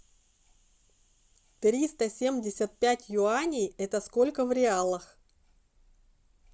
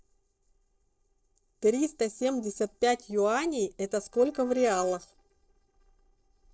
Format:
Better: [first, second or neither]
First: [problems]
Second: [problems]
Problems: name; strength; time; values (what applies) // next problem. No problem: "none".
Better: first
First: none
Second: noise reduction (neural separator model SepFormer DNS4)